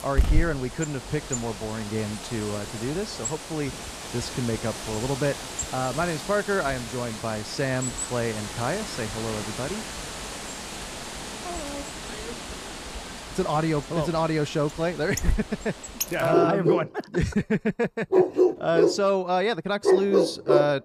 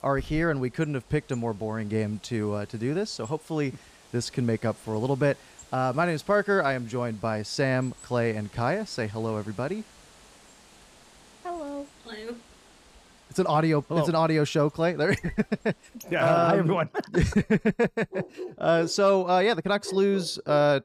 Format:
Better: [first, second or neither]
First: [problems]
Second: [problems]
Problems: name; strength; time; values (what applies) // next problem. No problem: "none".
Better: second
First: animal sounds; loud; throughout; 2 dB below the speech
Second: animal sounds; faint; throughout; 20 dB below the speech